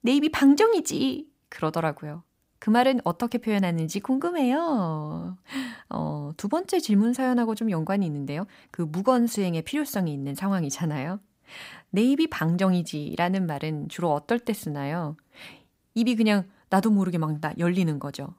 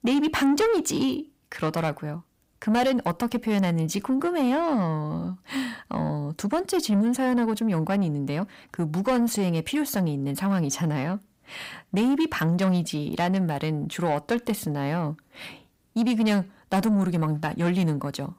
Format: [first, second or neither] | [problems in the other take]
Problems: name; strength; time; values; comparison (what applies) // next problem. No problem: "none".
first | distortion; slight; 10 dB below the speech